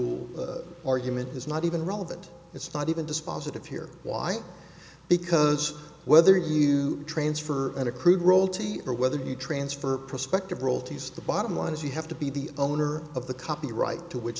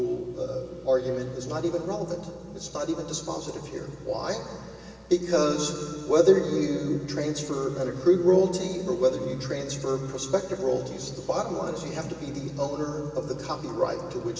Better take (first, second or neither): first